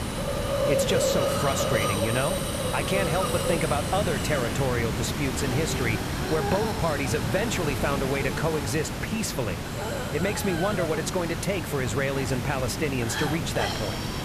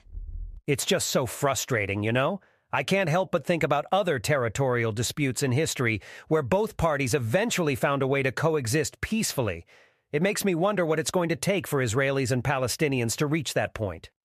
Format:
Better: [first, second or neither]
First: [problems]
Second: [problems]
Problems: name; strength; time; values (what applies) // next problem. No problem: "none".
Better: second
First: hiss; loud; throughout; as loud as the speech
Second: none